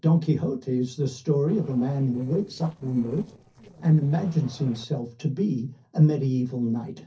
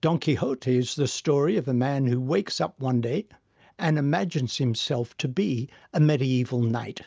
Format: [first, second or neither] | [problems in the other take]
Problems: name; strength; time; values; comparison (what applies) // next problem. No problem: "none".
second | noise reduction (neural separator model SepFormer DNS4)